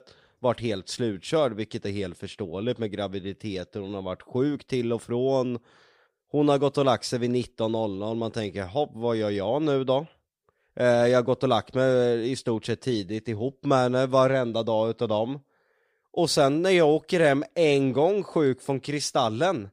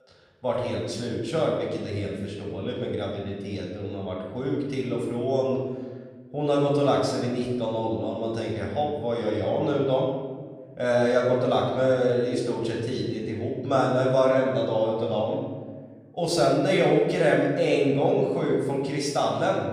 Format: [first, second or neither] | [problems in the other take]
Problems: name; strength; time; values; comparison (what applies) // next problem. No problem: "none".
first | room echo; noticeable; dies away in 1.4 s // off-mic speech; somewhat distant